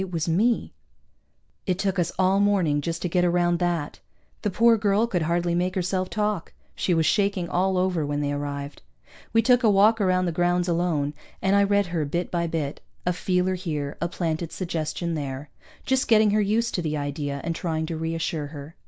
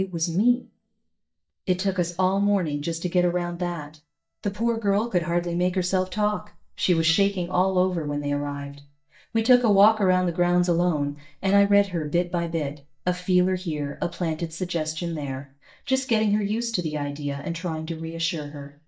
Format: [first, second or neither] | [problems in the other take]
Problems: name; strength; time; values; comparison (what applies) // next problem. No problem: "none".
first | noise reduction (neural mask model DeepFilterNet 3)